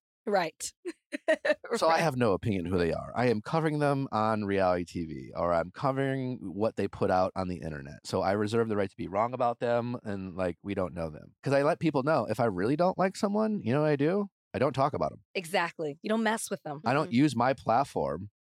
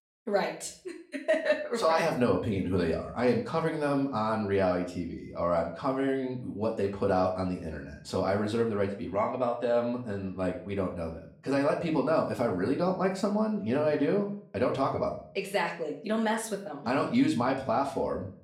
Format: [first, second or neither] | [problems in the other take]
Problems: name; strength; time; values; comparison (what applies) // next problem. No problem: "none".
first | room echo; slight; dies away in 0.4 s // off-mic speech; far